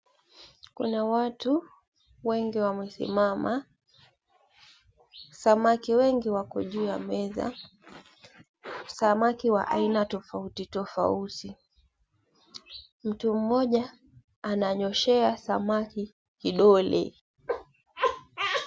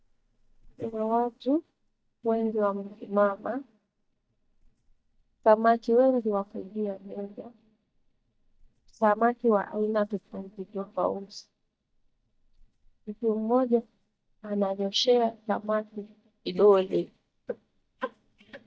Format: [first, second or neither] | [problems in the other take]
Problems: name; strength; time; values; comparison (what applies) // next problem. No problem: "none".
first | noise reduction (neural mask model DeepFilterNet 3)